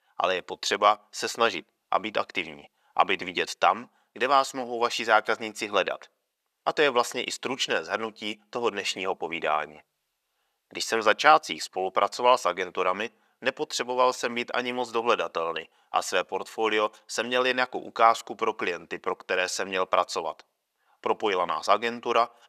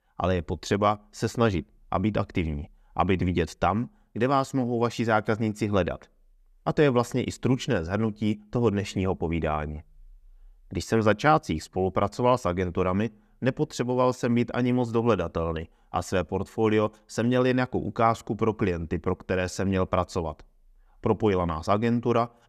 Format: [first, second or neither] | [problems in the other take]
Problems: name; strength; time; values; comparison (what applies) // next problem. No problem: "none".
second | thin; very; fading below 650 Hz